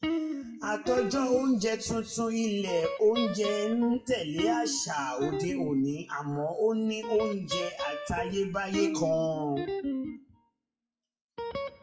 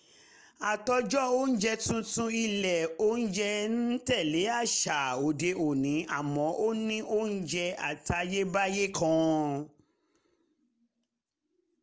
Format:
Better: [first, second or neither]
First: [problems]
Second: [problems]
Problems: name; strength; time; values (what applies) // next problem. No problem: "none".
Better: second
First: noise reduction (classical method WPE with log-MMSE)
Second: none